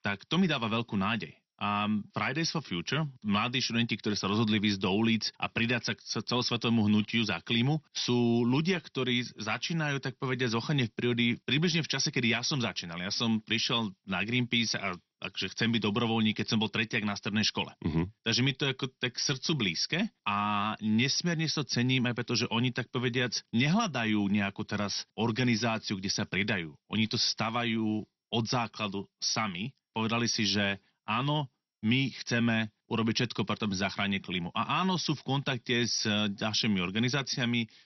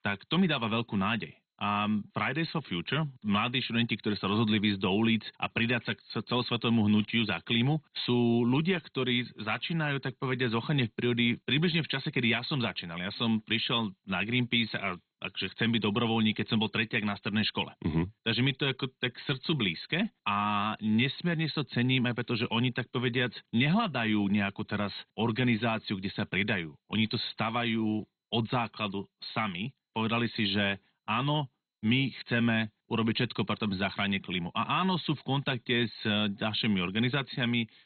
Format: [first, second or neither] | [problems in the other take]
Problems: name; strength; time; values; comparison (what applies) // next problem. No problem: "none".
first | garbled, watery; badly; nothing above 4 kHz; slightly in the first